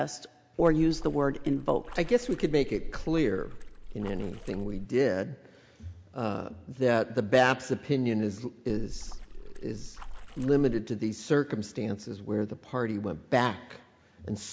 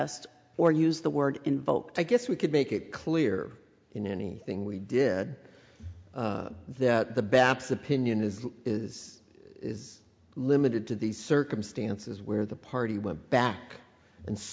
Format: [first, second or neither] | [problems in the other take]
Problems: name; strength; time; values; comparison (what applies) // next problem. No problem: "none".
second | background sound (Splash, splatter); 8 dB below the speech